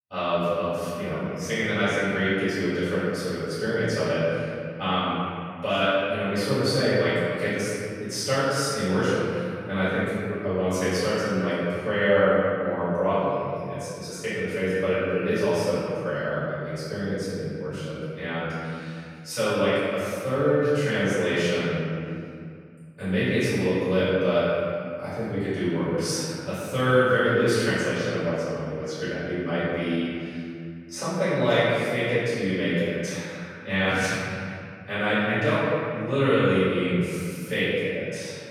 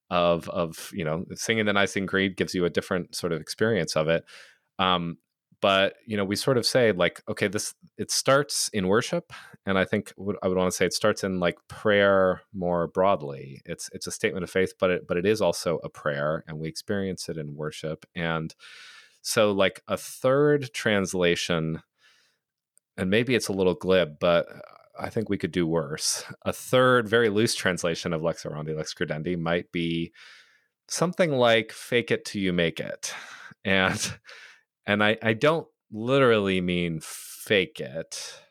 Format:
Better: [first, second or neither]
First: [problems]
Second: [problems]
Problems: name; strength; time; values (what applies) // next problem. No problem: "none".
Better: second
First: room echo; strong; dies away in 2.3 s // off-mic speech; far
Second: none